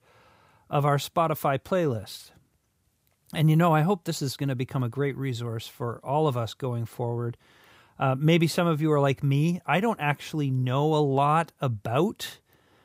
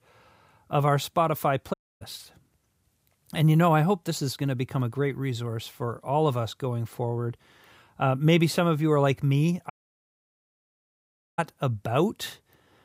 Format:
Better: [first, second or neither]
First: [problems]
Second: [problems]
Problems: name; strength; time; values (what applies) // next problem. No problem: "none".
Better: first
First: none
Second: audio cutting out; at 1.5 s and at 9.5 s for 1.5 s